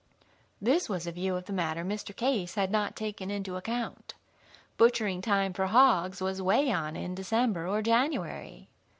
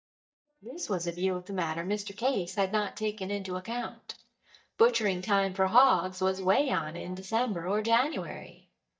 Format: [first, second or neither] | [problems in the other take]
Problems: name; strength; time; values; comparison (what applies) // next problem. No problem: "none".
first | noise reduction (neural mask model DeepFilterNet 3)